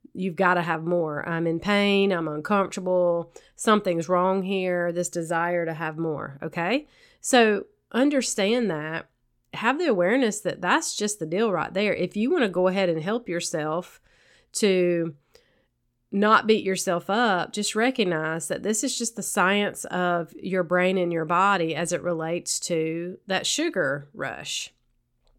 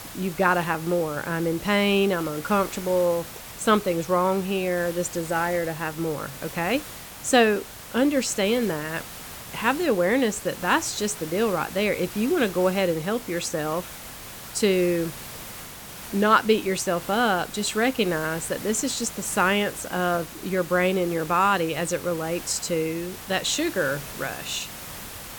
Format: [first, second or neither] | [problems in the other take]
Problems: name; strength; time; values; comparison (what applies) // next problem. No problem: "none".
first | hiss; noticeable; throughout; 15 dB below the speech